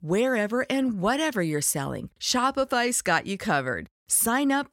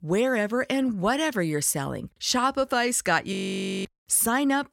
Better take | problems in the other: first | audio freezing; at 3.5 s for 0.5 s

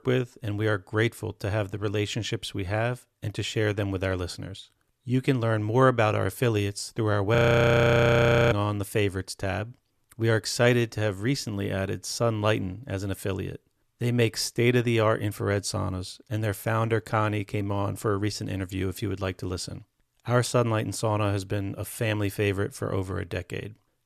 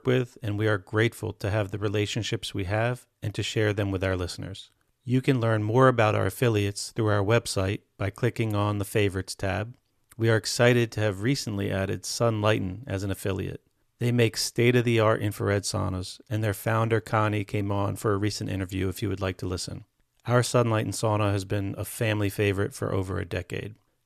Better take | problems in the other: second | audio freezing; at 7.5 s for 1 s

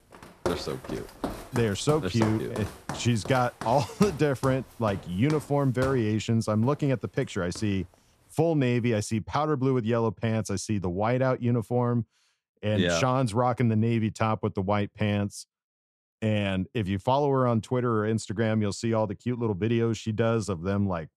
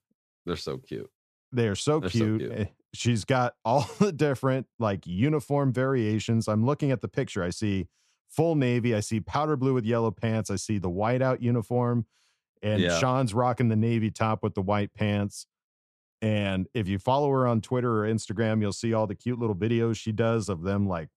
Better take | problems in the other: second | footsteps; noticeable; until 7.5 s; peak 7 dB below the speech

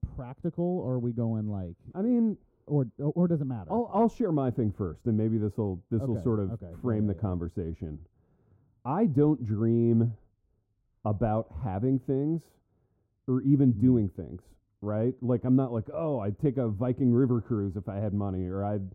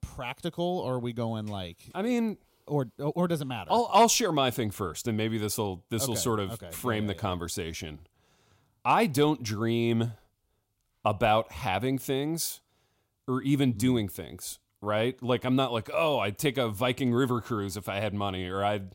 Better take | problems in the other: second | muffled; very; fading above 1 kHz

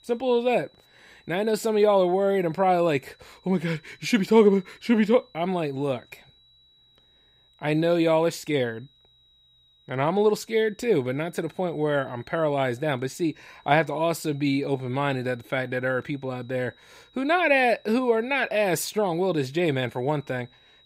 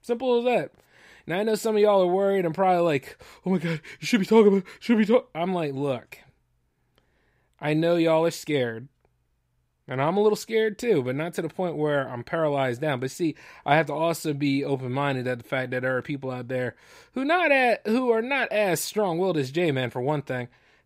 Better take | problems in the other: second | high-pitched whine; faint; throughout; 4 kHz, 30 dB below the speech

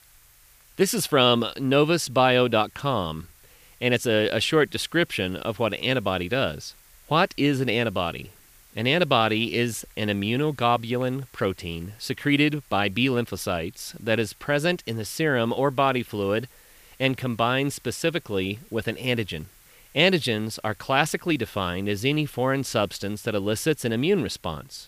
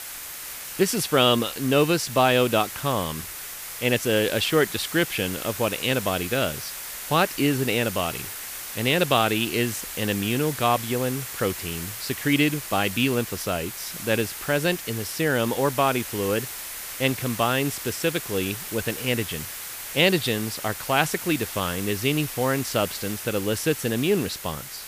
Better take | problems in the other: first | hiss; loud; throughout; 8 dB below the speech; faint in the first

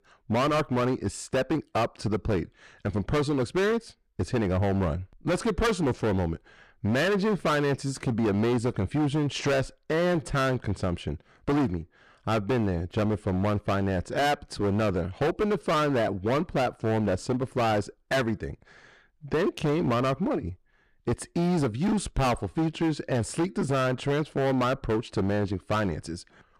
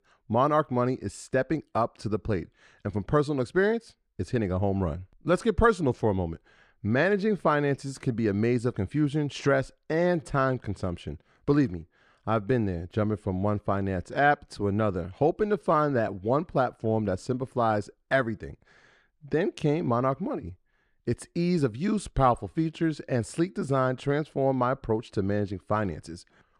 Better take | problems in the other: second | distortion; heavy; 18% of the sound clipped

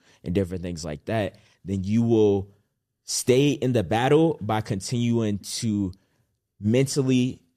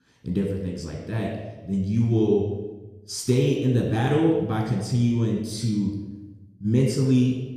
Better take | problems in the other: first | room echo; noticeable; dies away in 1 s // off-mic speech; somewhat distant

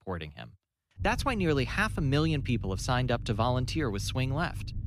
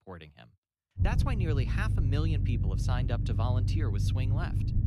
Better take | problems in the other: first | low rumble; loud; from 1 s on; 4 dB below the speech; faint in the first

